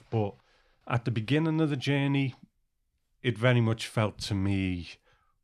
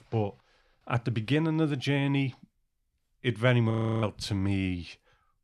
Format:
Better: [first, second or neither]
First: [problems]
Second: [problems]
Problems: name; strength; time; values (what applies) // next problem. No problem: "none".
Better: first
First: none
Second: audio freezing; at 3.5 s